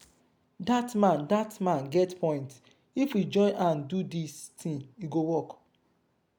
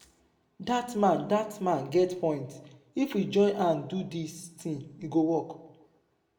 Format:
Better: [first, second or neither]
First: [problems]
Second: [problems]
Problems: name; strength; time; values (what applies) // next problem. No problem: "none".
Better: first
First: none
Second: room echo; dies away in 0.7 s